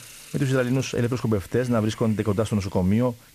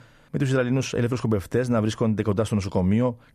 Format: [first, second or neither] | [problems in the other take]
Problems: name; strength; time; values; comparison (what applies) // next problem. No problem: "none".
second | hiss; faint; throughout; 20 dB below the speech